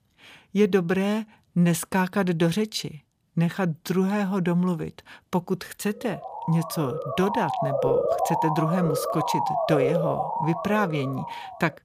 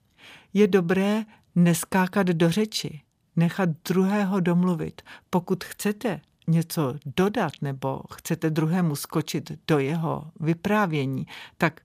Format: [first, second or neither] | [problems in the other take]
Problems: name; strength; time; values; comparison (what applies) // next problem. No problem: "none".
second | siren; loud; from 6 s on; peak 3 dB above the speech